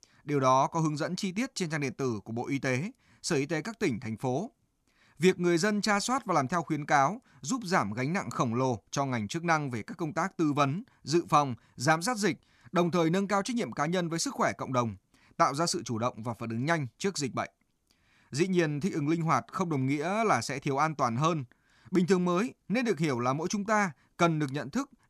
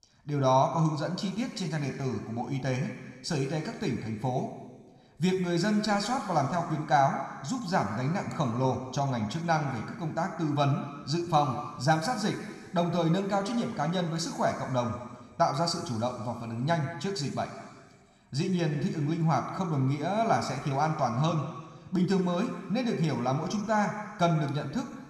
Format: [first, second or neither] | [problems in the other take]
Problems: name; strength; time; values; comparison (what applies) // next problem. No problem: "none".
first | room echo; noticeable; dies away in 1.8 s